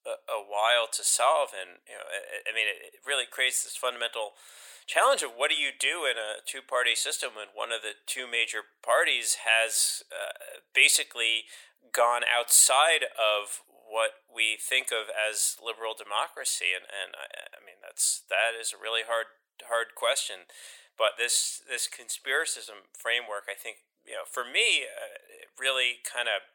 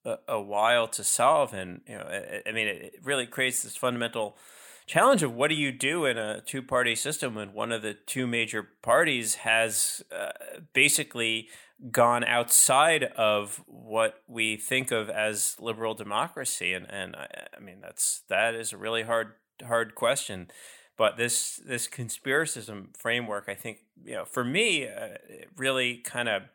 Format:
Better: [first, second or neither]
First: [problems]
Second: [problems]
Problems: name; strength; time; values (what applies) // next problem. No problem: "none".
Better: second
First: thin; very; fading below 450 Hz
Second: none